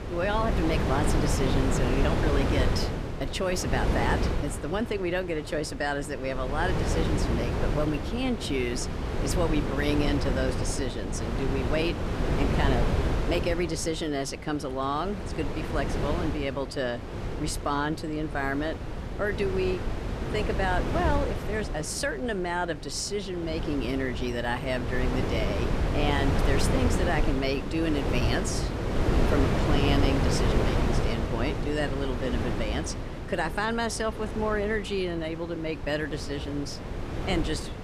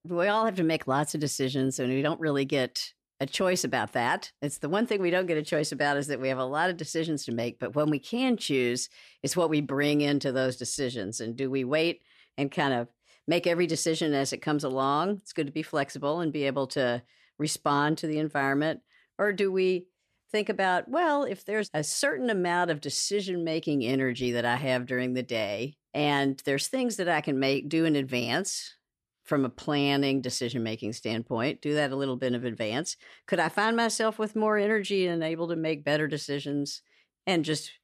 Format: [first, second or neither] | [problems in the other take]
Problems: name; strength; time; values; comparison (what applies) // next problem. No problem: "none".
second | wind noise on the microphone; heavy; 3 dB below the speech